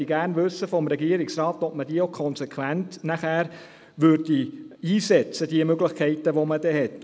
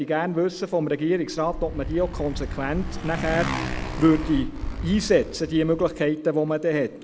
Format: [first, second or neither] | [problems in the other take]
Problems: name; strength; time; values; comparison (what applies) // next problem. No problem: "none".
first | background sound (Motorcycle); 8 dB below the speech